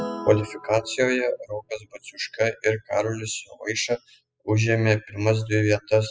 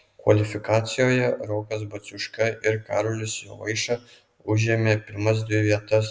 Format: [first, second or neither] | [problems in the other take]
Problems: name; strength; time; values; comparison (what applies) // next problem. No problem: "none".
second | noise reduction (classical method spectral subtraction)